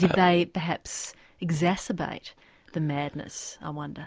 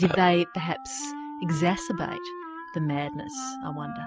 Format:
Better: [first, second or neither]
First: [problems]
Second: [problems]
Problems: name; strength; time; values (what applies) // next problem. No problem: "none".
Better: first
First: none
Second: noise reduction (classical method spectral subtraction)